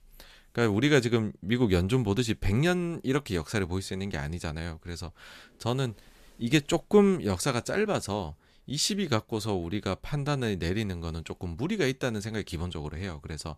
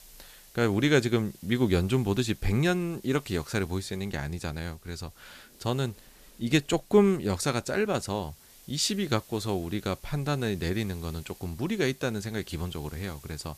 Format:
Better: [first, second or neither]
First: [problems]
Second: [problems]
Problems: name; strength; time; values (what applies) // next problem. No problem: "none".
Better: first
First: none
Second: hiss; faint; throughout; 25 dB below the speech